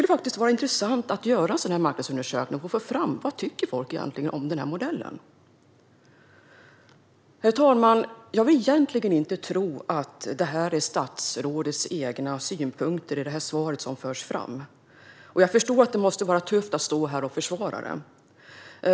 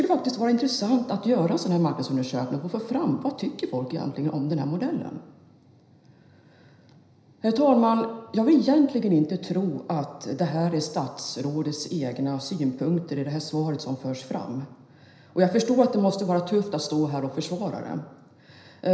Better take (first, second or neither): first